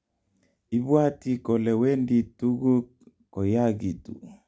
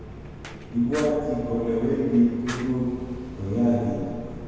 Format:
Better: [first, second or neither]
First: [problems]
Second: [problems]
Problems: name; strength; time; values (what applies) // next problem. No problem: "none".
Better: first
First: none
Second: background sound (Fire); 12 dB below the speech // room echo; dies away in 1.9 s